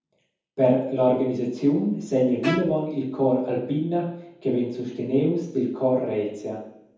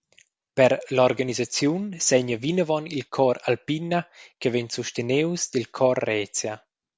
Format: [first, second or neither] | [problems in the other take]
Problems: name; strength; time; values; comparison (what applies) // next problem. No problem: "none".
second | background sound (Bowed string instrument); 9 dB below the speech // room echo; dies away in 0.9 s